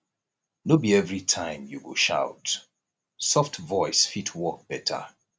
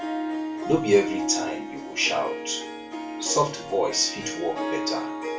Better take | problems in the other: first | background sound (Harp); 4 dB below the speech // room echo; dies away in 0.3 s

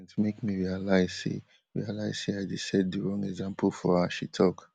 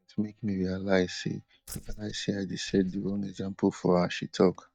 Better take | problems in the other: first | noise reduction (neural mask model DeepFilterNet 3)

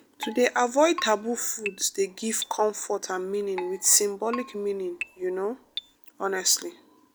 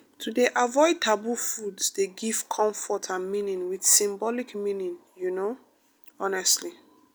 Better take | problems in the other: second | background sound (Keyboard (musical)); 14 dB below the speech

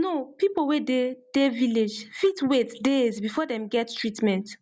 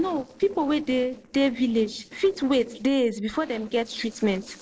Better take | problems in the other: first | noise reduction (neural separator model SepFormer DNS4)

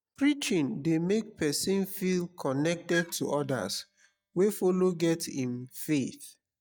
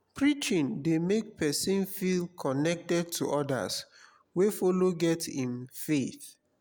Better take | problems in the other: second | noise reduction (neural mask model DeepFilterNet 3)

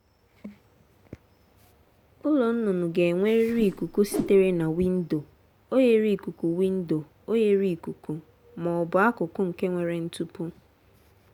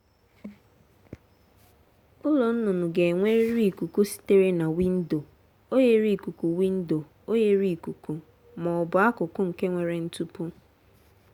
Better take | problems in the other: second | background sound (Whoosh, swoosh, swish); 9 dB below the speech

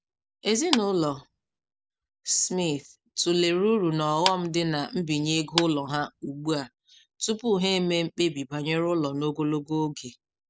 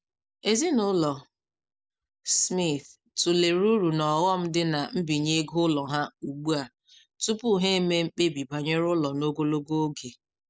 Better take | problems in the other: second | background sound (Clapping); 8 dB below the speech

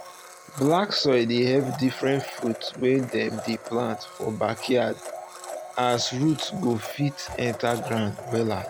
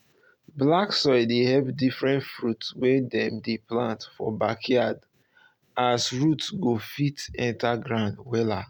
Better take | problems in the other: second | background sound (Domestic sounds, home sounds); 12 dB below the speech

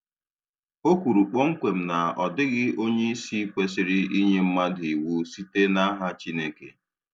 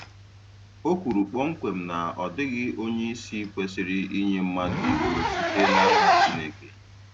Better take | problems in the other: first | background sound (Zipper (clothing)); 1 dB above the speech

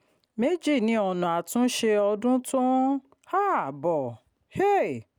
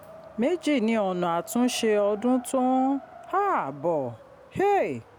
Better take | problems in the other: first | background sound (Wind); 20 dB below the speech

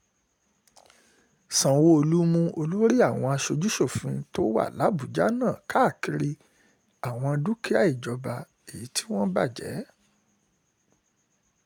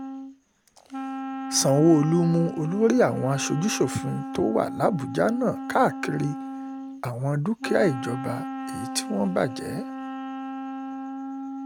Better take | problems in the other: first | background sound (Wind instrument, woodwind instrument); 8 dB below the speech

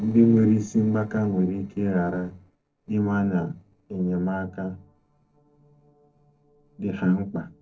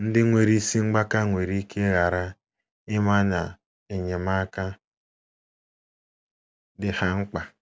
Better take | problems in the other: second | noise reduction (neural separator model SepFormer DNS4)

